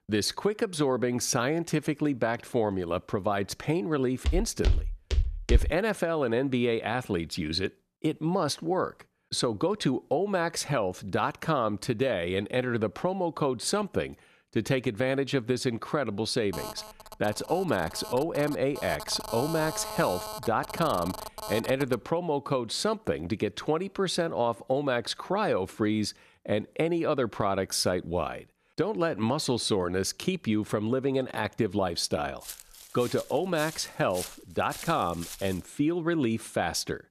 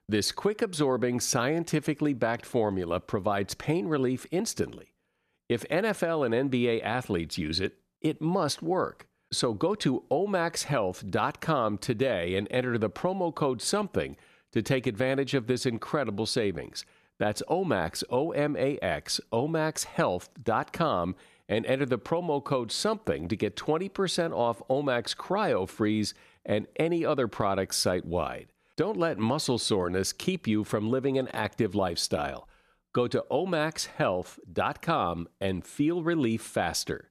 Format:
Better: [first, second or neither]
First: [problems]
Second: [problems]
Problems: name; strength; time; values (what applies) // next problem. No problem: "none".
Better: second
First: footsteps; loud; from 4.5 to 5.5 s; peak 1 dB above the speech // phone ringing; noticeable; from 17 to 22 s; peak 7 dB below the speech // footsteps; noticeable; from 32 to 36 s; peak 10 dB below the speech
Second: none